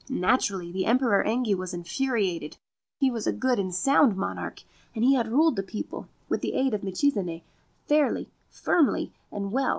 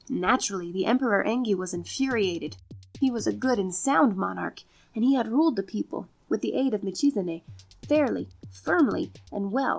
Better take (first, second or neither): first